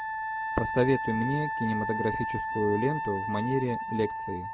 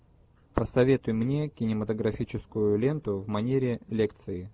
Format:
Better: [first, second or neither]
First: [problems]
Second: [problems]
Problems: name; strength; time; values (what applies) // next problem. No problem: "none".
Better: second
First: background sound (Wind instrument, woodwind instrument); 3 dB below the speech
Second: none